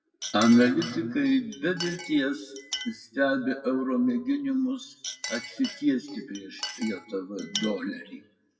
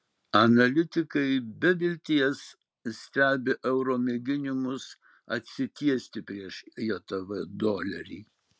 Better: second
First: noise reduction (classical method WPE with log-MMSE)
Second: none

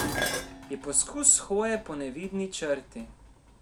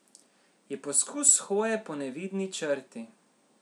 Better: second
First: background sound (Dishes, pots, and pans); 8 dB below the speech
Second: none

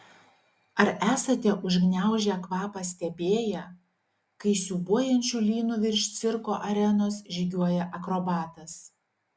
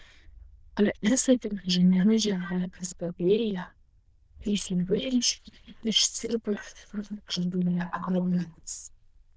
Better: first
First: none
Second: noise reduction (neural diffusion model UNIVERSE++)

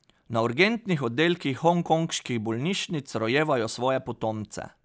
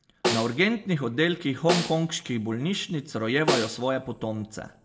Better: first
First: none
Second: background sound (Snare drum); 5 dB below the speech // room echo; dies away in 0.6 s

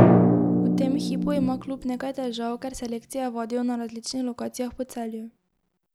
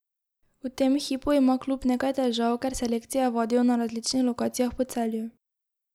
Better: second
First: background sound (Drum); 5 dB above the speech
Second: none

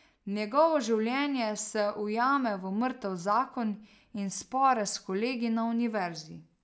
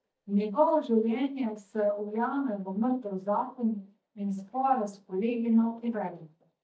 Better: first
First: none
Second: noise reduction (neural mask model DeepFilterNet 3)

